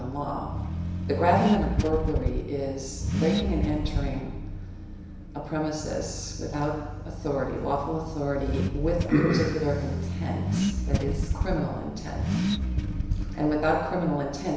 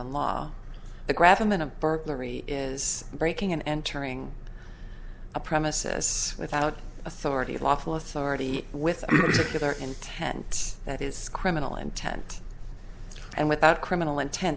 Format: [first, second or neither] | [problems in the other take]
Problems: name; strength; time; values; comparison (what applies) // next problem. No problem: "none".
second | background sound (Accelerating, revving, vroom / Car); 1 dB below the speech // room echo; dies away in 1 s